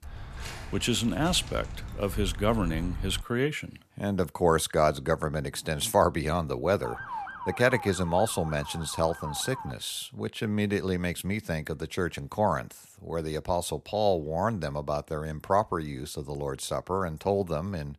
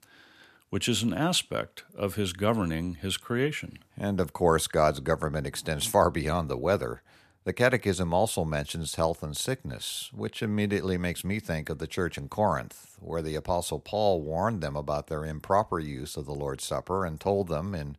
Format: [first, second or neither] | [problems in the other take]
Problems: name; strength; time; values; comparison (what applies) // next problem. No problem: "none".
second | footsteps; noticeable; until 3 s; peak 8 dB below the speech // siren; noticeable; from 7 to 9.5 s; peak 7 dB below the speech